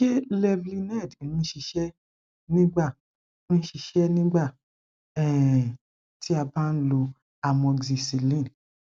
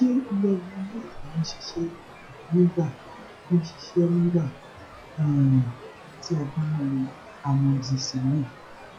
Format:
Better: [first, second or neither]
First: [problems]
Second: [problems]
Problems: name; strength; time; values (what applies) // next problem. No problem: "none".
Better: first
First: none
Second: noise reduction (classical method log-MMSE)